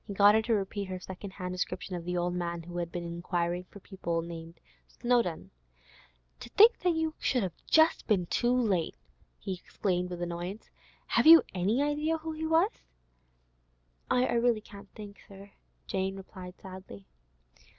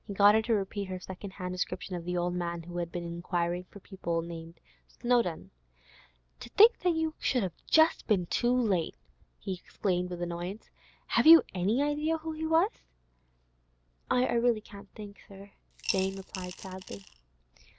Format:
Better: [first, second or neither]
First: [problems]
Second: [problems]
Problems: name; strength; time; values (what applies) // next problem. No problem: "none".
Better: first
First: none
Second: background sound (Coin (dropping) / Glass); 11 dB below the speech